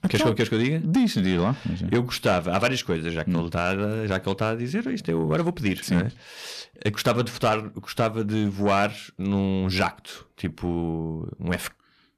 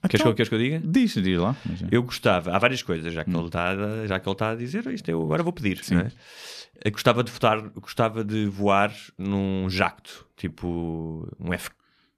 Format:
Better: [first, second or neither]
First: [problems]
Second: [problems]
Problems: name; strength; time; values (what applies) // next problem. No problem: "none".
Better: second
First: distortion; slight; 10 dB below the speech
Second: none